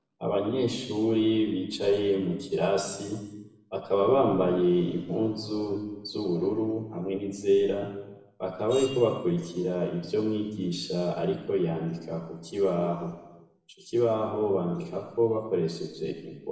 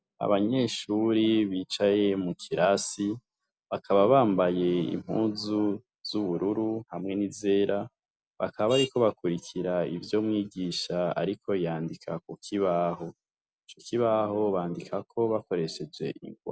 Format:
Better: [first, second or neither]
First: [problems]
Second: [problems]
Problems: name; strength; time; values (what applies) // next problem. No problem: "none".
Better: second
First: room echo; dies away in 1 s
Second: none